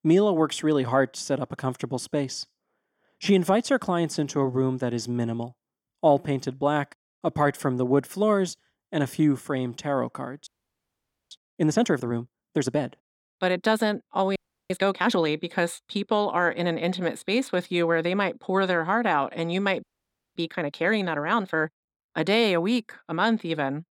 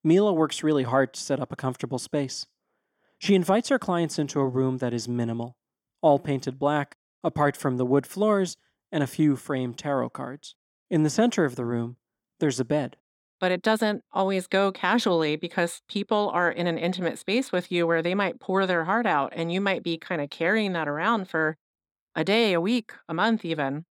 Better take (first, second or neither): second